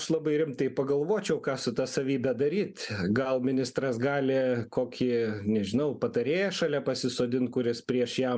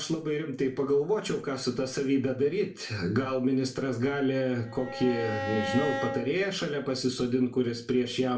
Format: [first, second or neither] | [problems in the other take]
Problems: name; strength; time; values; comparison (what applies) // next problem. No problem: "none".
first | background sound (Bowed string instrument); 6 dB below the speech // room echo; dies away in 0.4 s